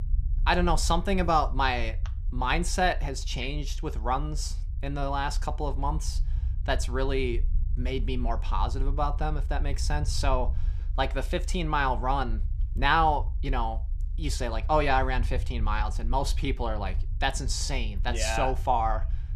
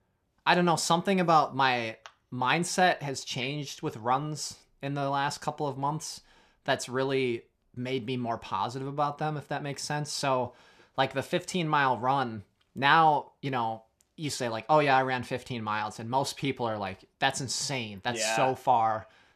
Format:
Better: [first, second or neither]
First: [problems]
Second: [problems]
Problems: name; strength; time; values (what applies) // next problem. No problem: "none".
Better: second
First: low rumble; faint; throughout; 25 dB below the speech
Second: none